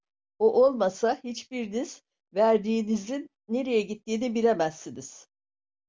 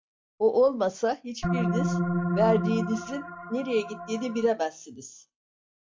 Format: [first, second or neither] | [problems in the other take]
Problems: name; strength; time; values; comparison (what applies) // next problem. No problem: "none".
first | noise reduction (classical method log-MMSE)